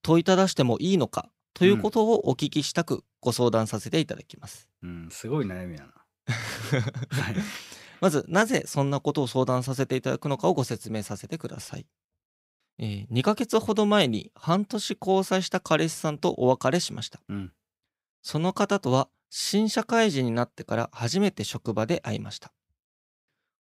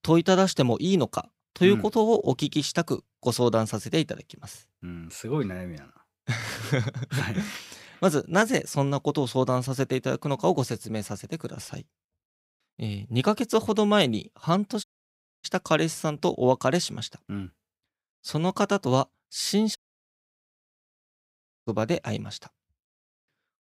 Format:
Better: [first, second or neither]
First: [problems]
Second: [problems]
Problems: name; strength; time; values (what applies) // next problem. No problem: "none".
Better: first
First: none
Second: audio cutting out; at 15 s for 0.5 s and at 20 s for 2 s